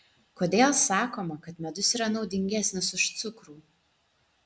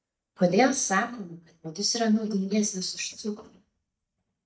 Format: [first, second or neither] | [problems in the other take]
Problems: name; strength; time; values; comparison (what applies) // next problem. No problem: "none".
first | noise reduction (neural mask model DeepFilterNet 3)